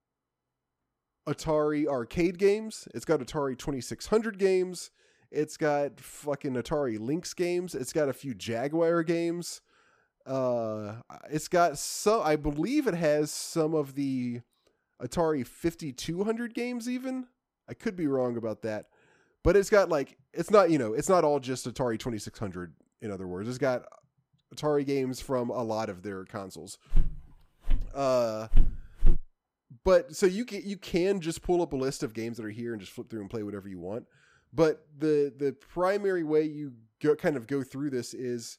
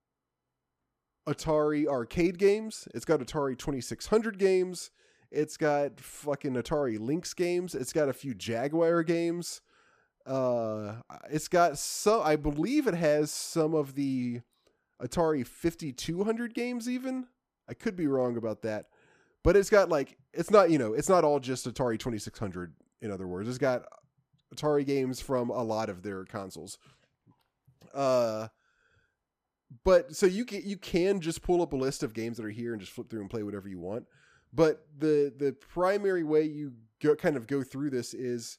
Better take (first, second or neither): second